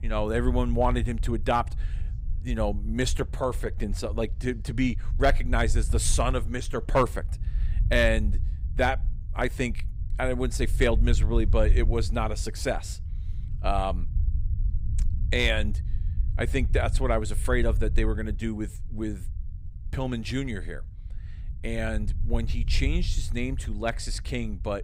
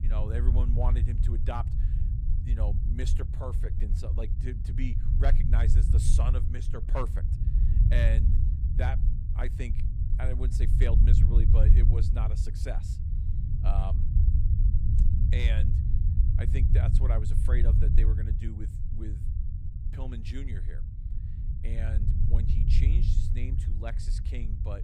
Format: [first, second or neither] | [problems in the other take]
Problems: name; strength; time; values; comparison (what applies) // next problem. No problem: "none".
first | low rumble; loud; throughout; 3 dB below the speech; faint in the first